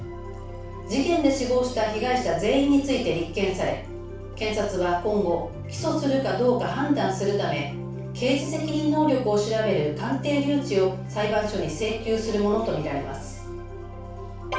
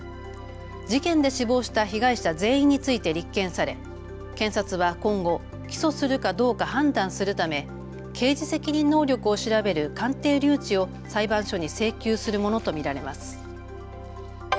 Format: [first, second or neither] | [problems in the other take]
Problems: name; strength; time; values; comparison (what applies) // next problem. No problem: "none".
second | room echo; dies away in 0.4 s